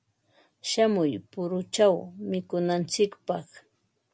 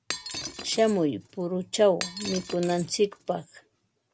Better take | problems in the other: first | background sound (Shatter); 12 dB below the speech

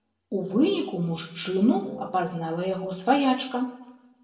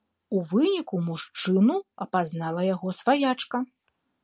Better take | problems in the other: second | background sound (Wind instrument, woodwind instrument); 17 dB below the speech // room echo; dies away in 0.8 s

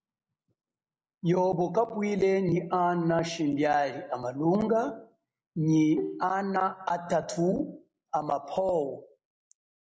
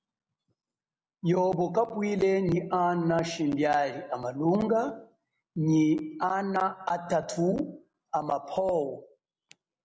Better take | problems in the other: second | noise reduction (neural mask model Resemble Enhance denoiser)

